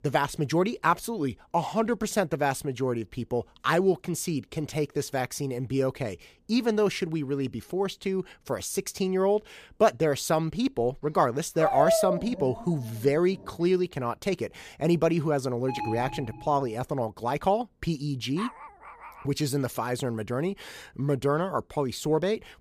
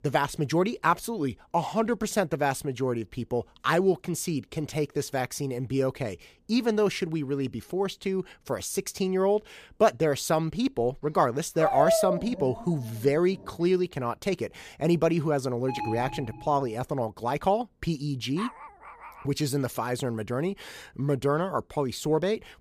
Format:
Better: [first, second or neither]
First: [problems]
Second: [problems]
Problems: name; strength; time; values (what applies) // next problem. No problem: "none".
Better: neither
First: dog barking; loud; at 12 s; peak 4 dB above the speech // alarm; noticeable; at 16 s; peak 6 dB below the speech // dog barking; faint; at 18 s; peak 10 dB below the speech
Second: dog barking; loud; at 12 s; peak 4 dB above the speech // alarm; noticeable; at 16 s; peak 6 dB below the speech // dog barking; faint; at 18 s; peak 10 dB below the speech